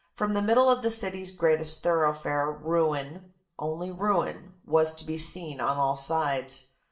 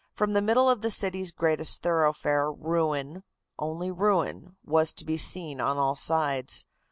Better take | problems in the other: second | room echo; dies away in 0.4 s

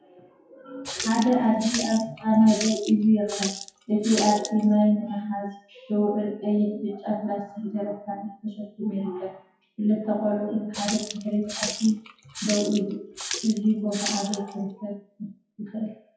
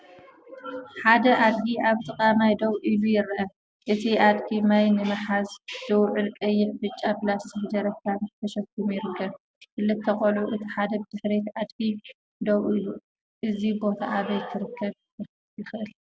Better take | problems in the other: second | noise reduction (classical method WPE with log-MMSE)

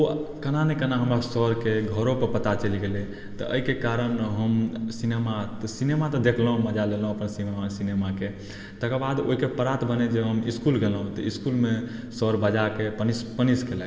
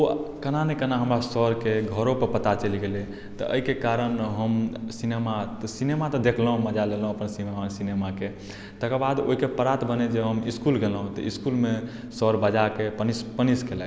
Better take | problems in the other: second | room echo; dies away in 1.5 s

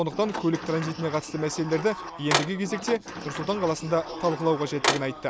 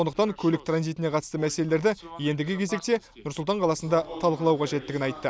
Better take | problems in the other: second | background sound (Sliding door); 5 dB below the speech

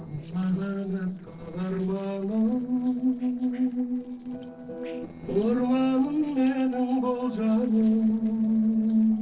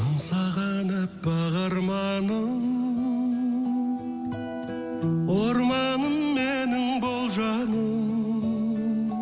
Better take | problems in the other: second | noise reduction (neural separator model SepFormer DNS4)

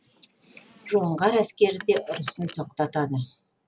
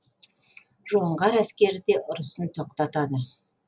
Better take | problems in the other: second | background sound (Car); 20 dB below the speech

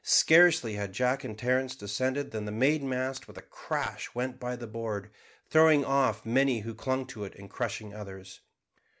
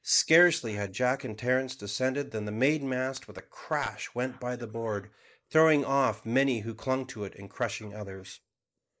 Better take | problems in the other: first | noise reduction (neural mask model Resemble Enhance denoiser)

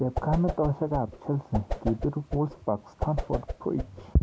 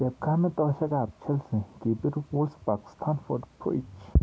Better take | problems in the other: second | background sound (Whoosh, swoosh, swish); 6 dB below the speech

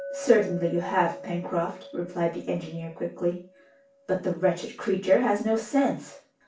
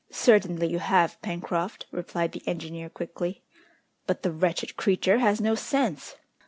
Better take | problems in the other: second | background sound (Chink, clink); 16 dB below the speech // room echo; dies away in 0.3 s

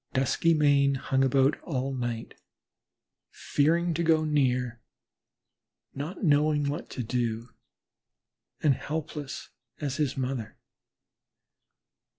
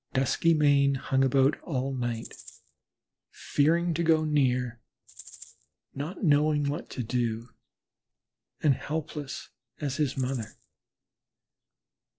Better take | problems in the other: first | noise reduction (neural separator model SepFormer DNS4)

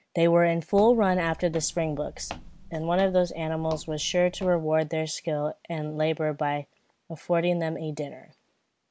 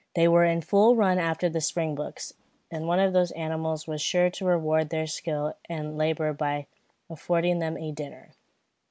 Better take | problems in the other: second | background sound (Walk, footsteps); 17 dB below the speech

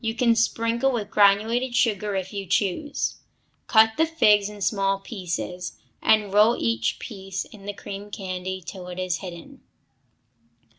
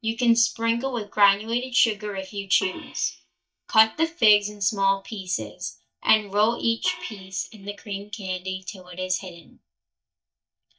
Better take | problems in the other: first | noise reduction (neural mask model DeepFilterNet 3)

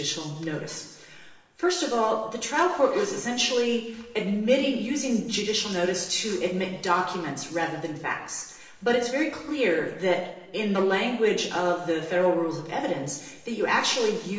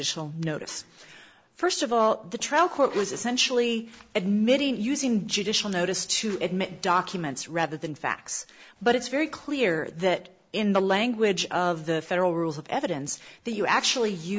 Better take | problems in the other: second | room echo; dies away in 0.9 s

